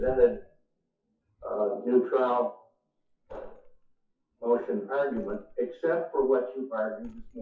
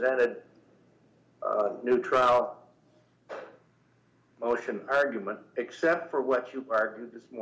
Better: second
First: noise reduction (classical method WPE with log-MMSE)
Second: none

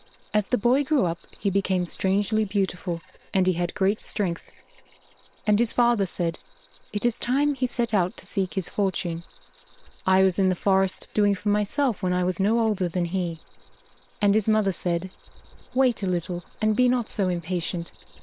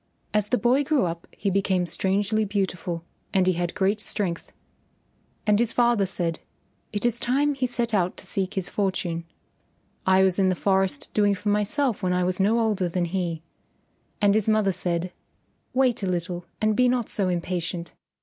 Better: second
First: noise reduction (neural separator model SepFormer WHAM!)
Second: none

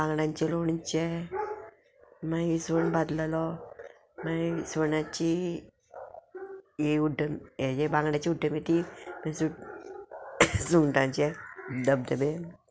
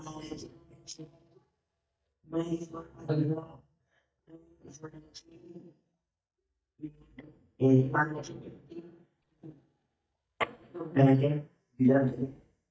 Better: first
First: none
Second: noise reduction (neural mask model DeepFilterNet 3)

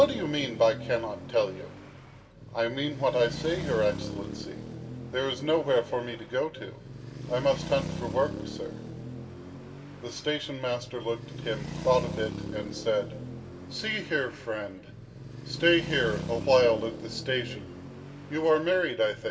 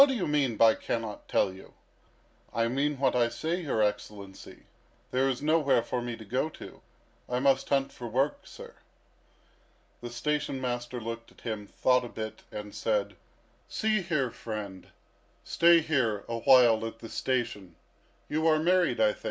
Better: second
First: background sound (Traffic noise, roadway noise); 9 dB below the speech // room echo; dies away in 2.8 s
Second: none

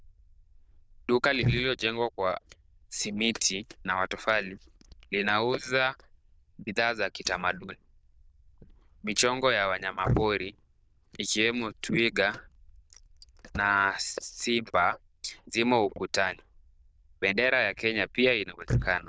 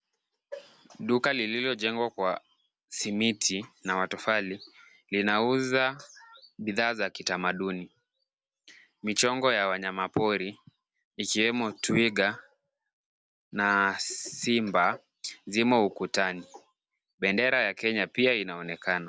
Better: second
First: noise reduction (neural diffusion model UNIVERSE++)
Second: none

